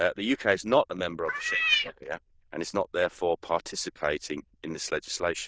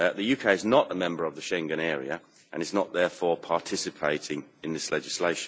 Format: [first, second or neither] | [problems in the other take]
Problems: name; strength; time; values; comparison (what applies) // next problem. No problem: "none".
second | noise reduction (neural diffusion model UNIVERSE++)